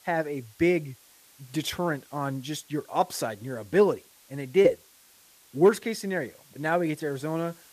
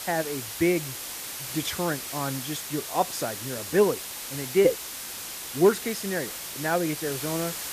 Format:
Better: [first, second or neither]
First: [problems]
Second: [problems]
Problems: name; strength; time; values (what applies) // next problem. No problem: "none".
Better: first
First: hiss; faint; throughout; 25 dB below the speech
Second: hiss; loud; throughout; 6 dB below the speech